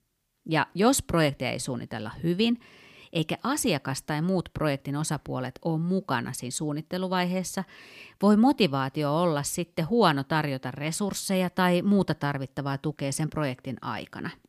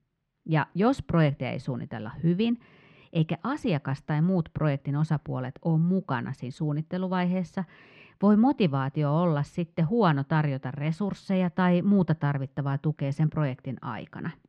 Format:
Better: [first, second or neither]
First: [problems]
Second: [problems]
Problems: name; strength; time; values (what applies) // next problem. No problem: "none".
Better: first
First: none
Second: muffled; slightly; fading above 2.5 kHz